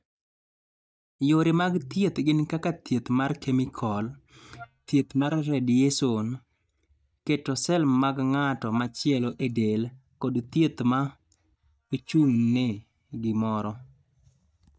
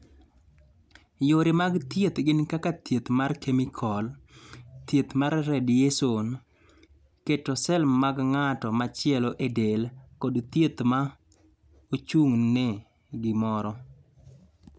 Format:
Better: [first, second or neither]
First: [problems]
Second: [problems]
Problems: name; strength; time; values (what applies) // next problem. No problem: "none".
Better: second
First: noise reduction (neural mask model DeepFilterNet 3)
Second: none